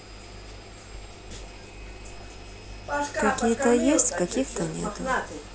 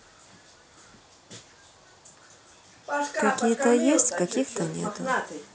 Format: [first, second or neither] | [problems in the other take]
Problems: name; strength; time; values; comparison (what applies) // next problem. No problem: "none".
second | background sound (Engine); 14 dB below the speech